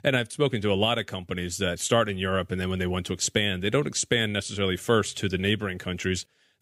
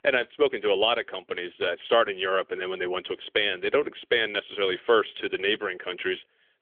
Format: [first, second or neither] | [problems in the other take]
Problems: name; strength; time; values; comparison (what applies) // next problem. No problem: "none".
first | phone-call audio; nothing above 3.5 kHz